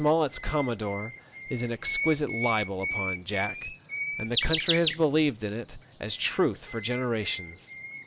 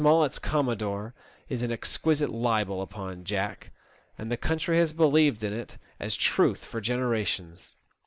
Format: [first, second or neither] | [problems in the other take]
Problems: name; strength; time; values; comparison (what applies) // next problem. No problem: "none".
second | background sound (Bird); 6 dB below the speech